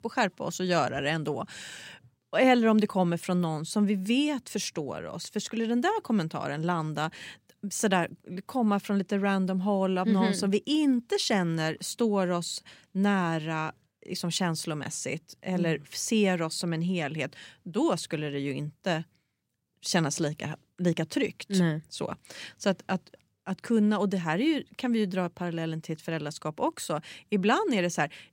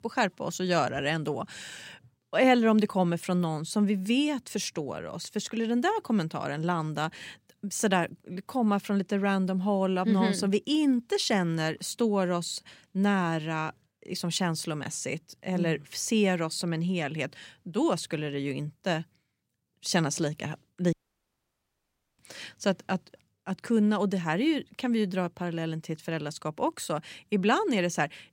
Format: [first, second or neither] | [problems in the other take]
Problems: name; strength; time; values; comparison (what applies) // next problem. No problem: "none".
first | audio cutting out; at 21 s for 1.5 s